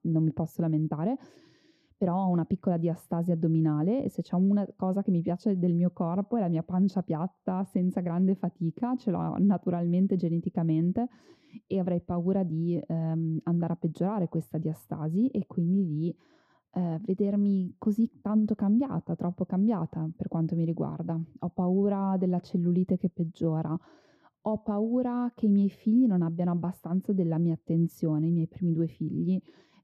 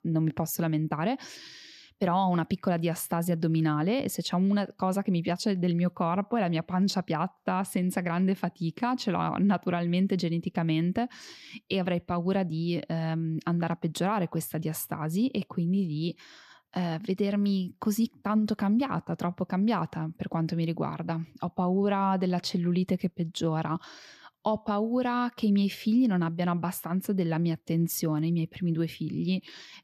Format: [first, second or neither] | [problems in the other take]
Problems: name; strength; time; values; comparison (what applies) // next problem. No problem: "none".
second | muffled; very; fading above 1 kHz